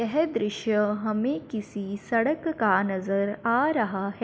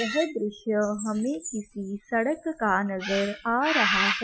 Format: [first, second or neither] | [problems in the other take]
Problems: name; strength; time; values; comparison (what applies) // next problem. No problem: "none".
first | noise reduction (classical method Wiener filter)